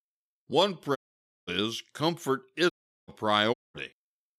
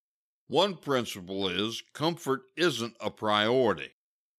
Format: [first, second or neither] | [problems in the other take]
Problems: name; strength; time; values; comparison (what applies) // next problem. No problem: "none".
second | audio cutting out; at 1 s for 0.5 s, at 2.5 s and at 3.5 s